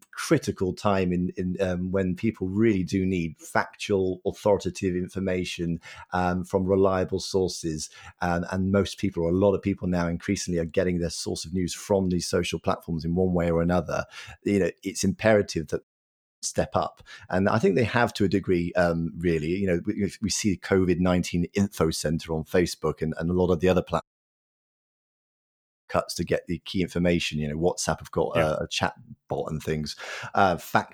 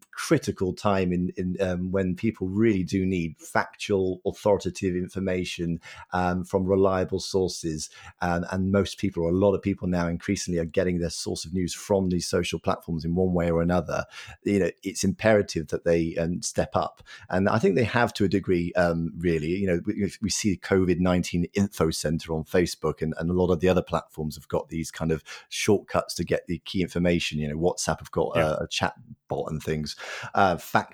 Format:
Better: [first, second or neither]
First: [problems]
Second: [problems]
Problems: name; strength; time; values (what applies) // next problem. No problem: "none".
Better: second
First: audio cutting out; at 16 s for 0.5 s and at 24 s for 2 s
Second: none